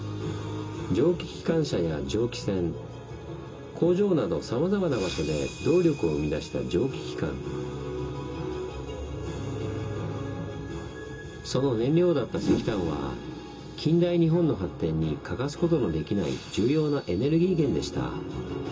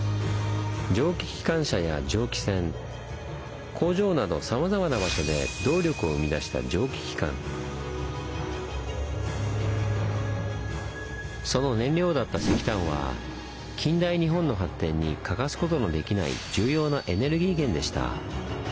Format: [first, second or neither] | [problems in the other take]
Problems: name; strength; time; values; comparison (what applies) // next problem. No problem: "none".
second | room echo; dies away in 0.2 s